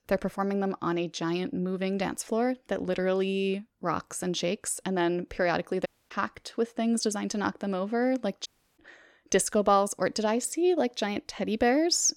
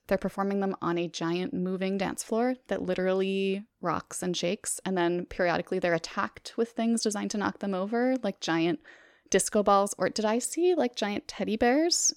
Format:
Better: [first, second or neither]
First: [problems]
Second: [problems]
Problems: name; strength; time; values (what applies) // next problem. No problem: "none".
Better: second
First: audio cutting out; at 6 s and at 8.5 s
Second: none